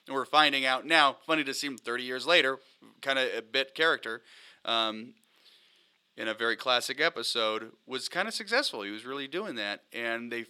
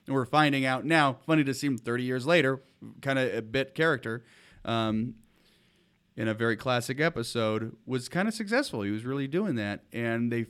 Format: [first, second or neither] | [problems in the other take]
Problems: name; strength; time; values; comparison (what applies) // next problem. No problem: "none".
second | thin; somewhat; fading below 450 Hz